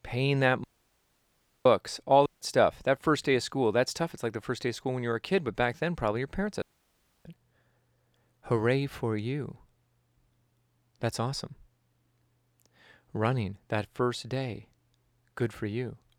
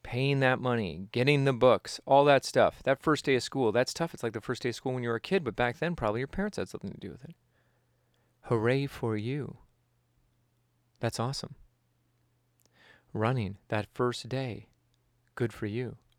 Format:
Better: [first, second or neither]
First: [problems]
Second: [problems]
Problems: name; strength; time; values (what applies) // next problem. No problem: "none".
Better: second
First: audio cutting out; at 0.5 s for 1 s, at 2.5 s and at 6.5 s for 0.5 s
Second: none